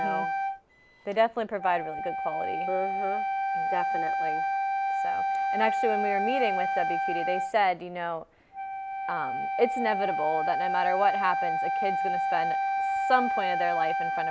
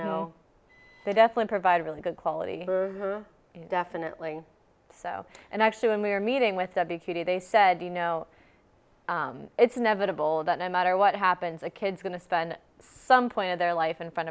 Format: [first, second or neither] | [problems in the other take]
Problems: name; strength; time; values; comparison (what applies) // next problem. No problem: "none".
second | background sound (Wind instrument, woodwind instrument); 2 dB above the speech